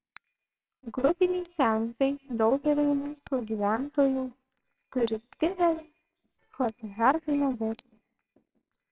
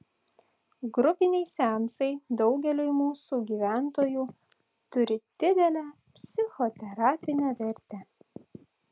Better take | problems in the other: second | noise reduction (neural separator model SepFormer WHAMR!)

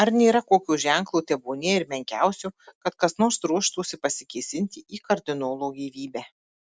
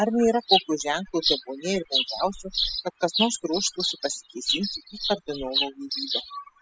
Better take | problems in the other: first | noise reduction (classical method spectral subtraction)

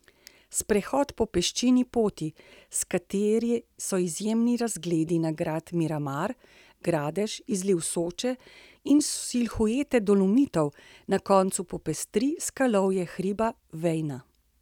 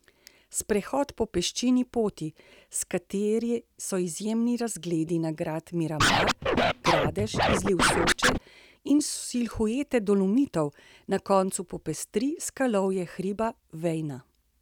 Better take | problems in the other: first | background sound (Scratching (performance technique)); 4 dB above the speech

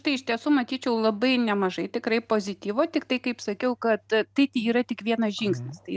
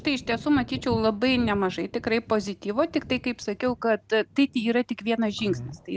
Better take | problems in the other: first | background sound (Thunder / Wind); 16 dB below the speech

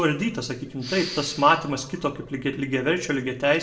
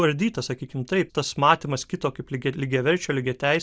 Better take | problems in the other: second | background sound (Respiratory sounds); 12 dB below the speech // room echo; dies away in 0.5 s

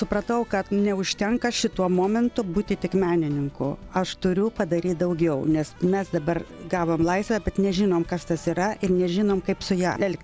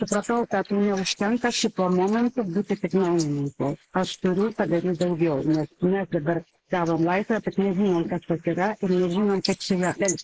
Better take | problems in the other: first | noise reduction (neural mask model Resemble Enhance denoiser)

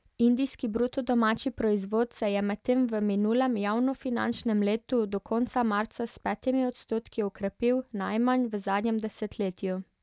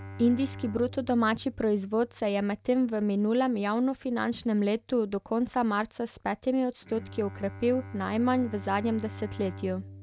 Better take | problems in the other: first | background sound (Bowed string instrument); 16 dB below the speech

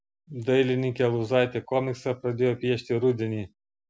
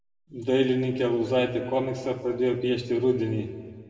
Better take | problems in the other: first | room echo; dies away in 1.5 s

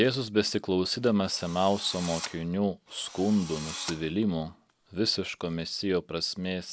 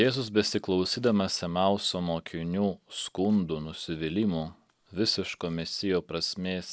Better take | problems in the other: second | background sound (Drill); 13 dB below the speech

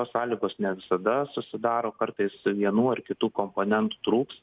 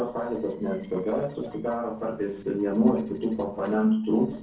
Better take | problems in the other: first | noise reduction (neural separator model SepFormer DNS4)

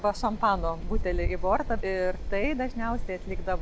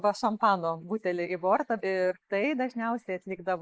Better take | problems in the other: first | noise reduction (neural mask model Resemble Enhance denoiser)

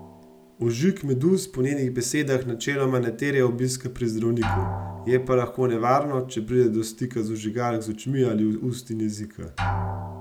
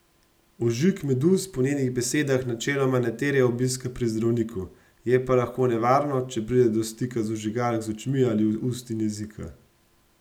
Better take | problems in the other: second | background sound (Drum); 11 dB below the speech

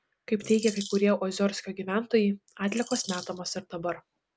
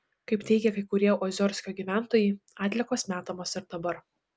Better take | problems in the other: second | background sound (Bird vocalization, bird call, bird song); 12 dB below the speech

